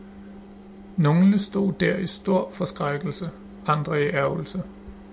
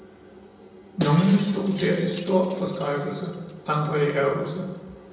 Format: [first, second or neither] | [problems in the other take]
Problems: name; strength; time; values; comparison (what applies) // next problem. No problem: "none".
first | background sound (Shatter); 16 dB below the speech // room echo; dies away in 1 s